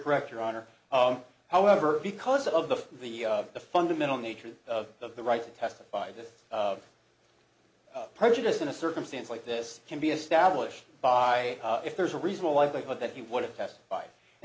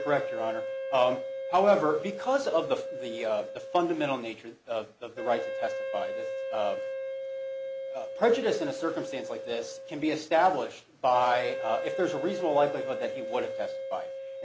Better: first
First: none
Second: background sound (Wind instrument, woodwind instrument); 7 dB below the speech

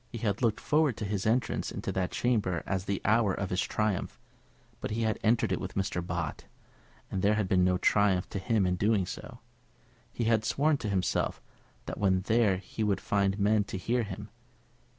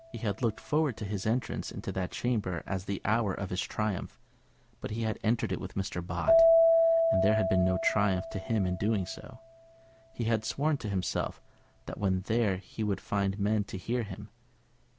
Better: first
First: none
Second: background sound (Keyboard (musical)); 2 dB below the speech

